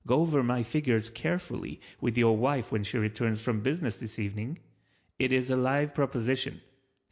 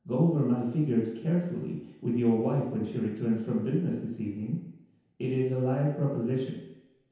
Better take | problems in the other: first | room echo; dies away in 0.9 s

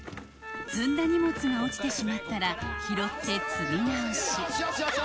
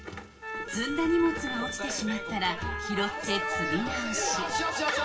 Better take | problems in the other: first | room echo; dies away in 0.2 s

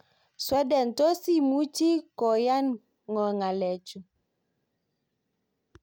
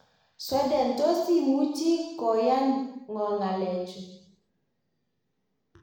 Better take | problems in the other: first | room echo; dies away in 0.9 s

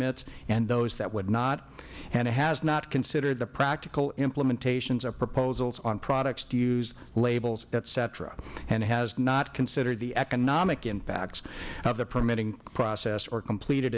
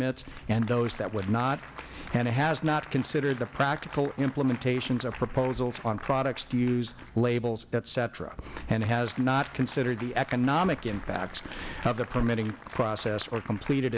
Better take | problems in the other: first | background sound (Applause); 18 dB below the speech

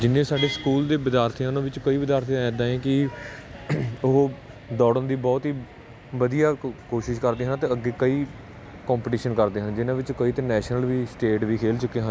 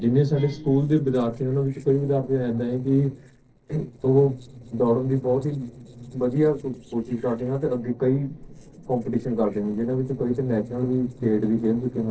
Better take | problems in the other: first | noise reduction (neural separator model SepFormer DNS4)

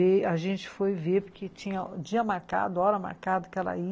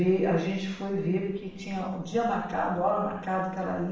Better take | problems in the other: first | room echo; dies away in 0.6 s

